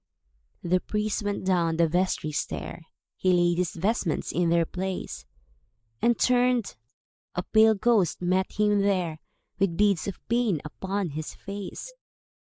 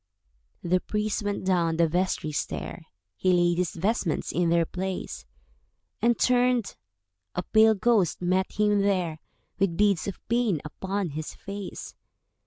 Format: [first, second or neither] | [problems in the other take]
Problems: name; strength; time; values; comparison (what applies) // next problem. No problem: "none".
second | noise reduction (neural mask model Resemble Enhance denoiser)